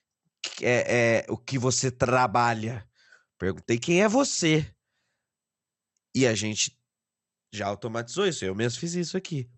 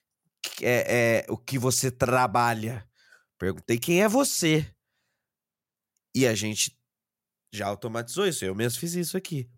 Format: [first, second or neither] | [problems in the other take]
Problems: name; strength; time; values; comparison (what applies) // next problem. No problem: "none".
second | garbled, watery; slightly; nothing above 8 kHz